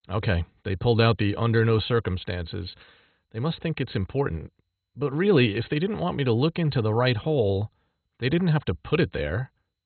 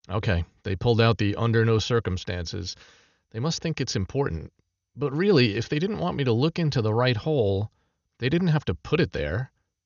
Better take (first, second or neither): second